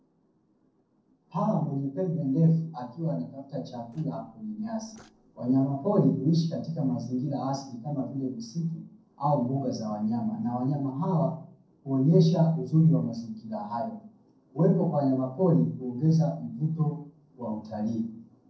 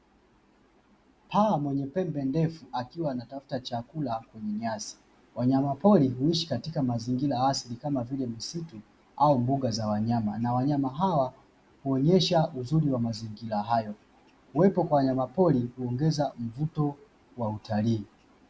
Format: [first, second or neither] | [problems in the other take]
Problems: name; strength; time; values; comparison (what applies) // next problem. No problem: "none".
second | noise reduction (neural separator model SepFormer DNS4)